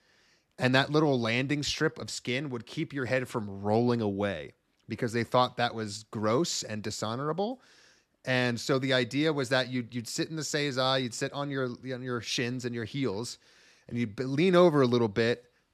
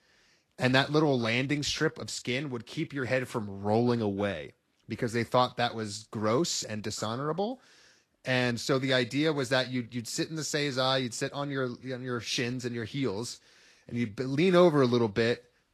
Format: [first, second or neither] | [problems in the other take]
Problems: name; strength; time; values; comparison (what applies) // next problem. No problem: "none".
first | garbled, watery; slightly; nothing above 13.5 kHz